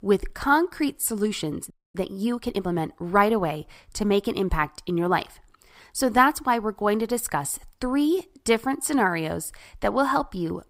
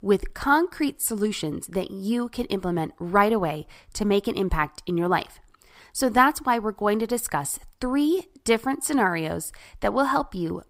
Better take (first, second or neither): second